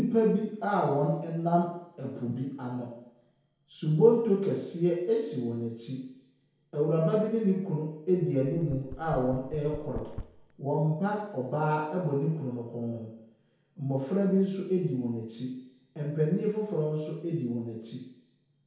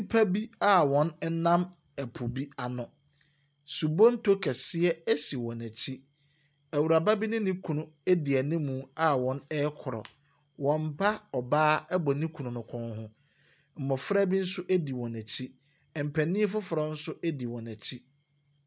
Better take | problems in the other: second | background sound (Knock); 14 dB below the speech // room echo; dies away in 0.9 s

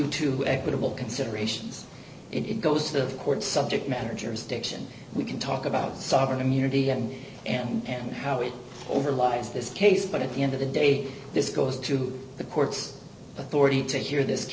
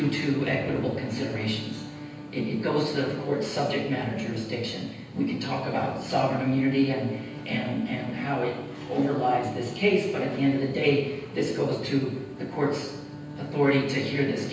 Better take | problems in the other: first | background sound (Bowed string instrument); 16 dB below the speech // room echo; dies away in 0.9 s

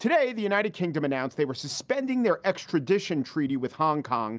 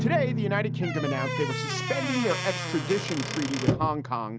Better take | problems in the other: first | background sound (Squeak / Wood + Guitar); 1 dB below the speech

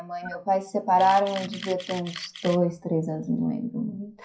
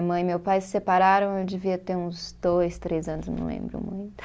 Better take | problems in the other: second | noise reduction (classical method WPE with log-MMSE)

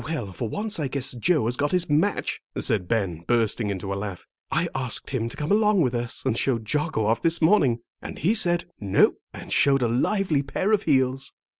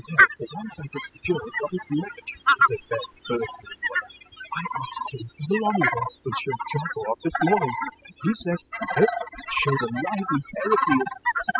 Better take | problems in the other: first | noise reduction (classical method spectral subtraction)

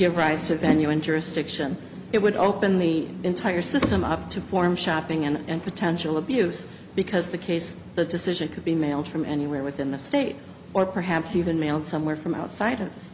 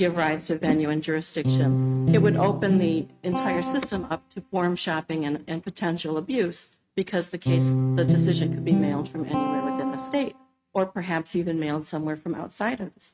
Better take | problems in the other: first | noise reduction (neural mask model RNNoise)

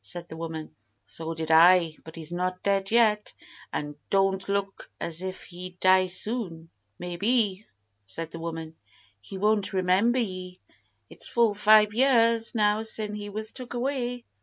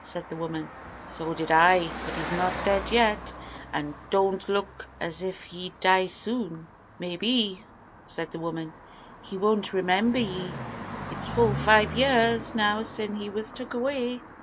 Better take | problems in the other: first | background sound (Car passing by); 11 dB below the speech

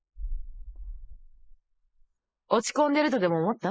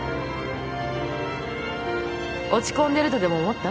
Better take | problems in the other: second | noise reduction (neural mask model Resemble Enhance denoiser)

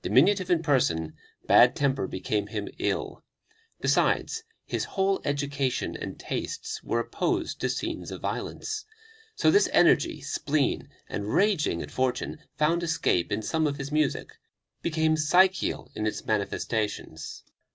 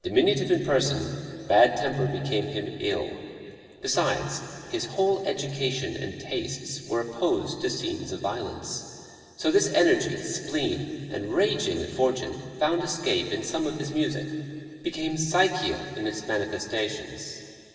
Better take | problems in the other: first | room echo; dies away in 2.6 s

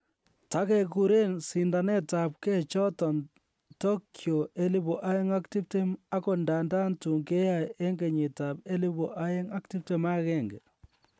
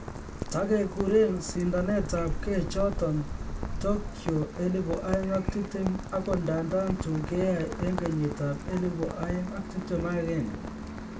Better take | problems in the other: first | background sound (Rain); 6 dB below the speech // room echo; dies away in 0.2 s

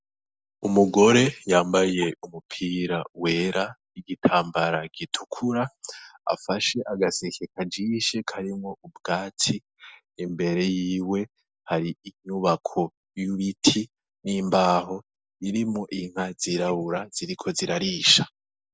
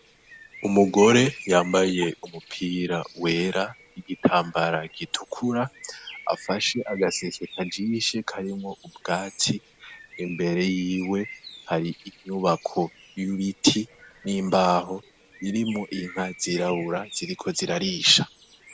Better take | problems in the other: first | background sound (Bird); 20 dB below the speech

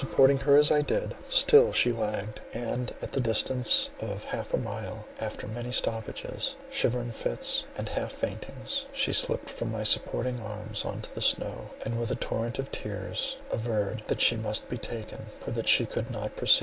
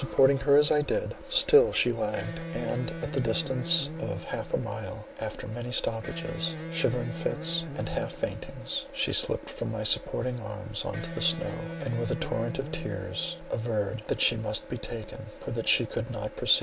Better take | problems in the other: first | background sound (Electric guitar); 9 dB below the speech

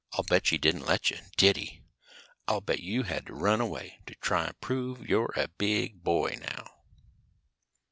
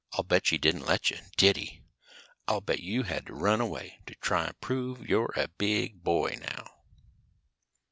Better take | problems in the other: second | background sound (Scissors); 15 dB below the speech

